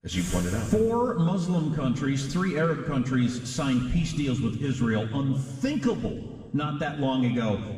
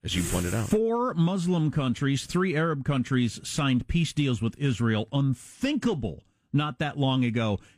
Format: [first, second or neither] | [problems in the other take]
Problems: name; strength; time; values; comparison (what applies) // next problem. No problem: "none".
second | room echo; noticeable; dies away in 1.6 s // off-mic speech; far